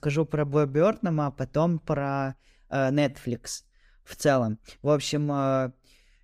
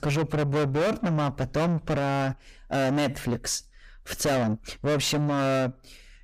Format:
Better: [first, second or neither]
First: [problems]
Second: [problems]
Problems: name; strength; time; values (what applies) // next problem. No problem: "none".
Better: first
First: none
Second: distortion; heavy; 6 dB below the speech